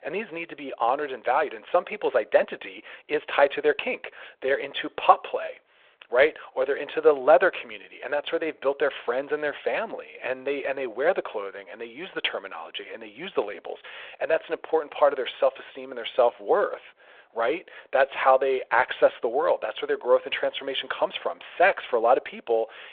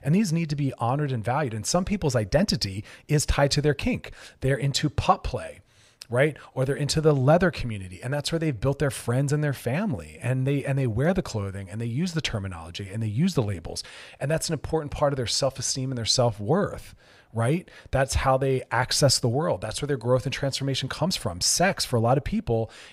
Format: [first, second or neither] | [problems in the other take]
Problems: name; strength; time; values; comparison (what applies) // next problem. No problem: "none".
second | phone-call audio